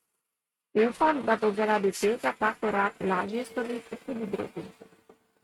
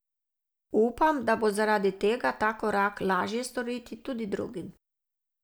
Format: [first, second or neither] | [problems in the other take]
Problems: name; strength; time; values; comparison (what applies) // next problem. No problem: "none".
second | noise reduction (neural mask model RNNoise)